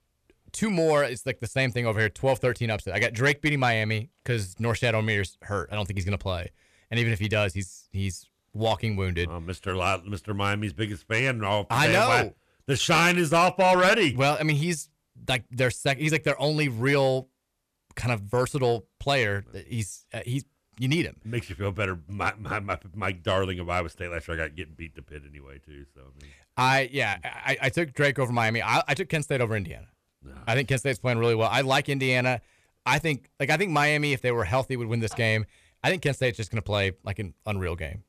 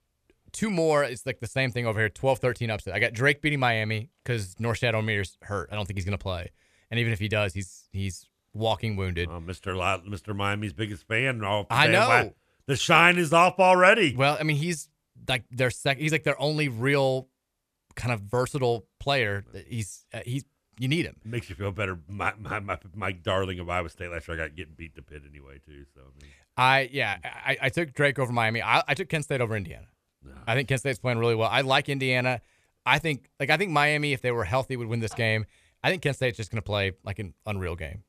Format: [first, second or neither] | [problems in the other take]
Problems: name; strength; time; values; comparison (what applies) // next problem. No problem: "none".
second | distortion; slight; 10 dB below the speech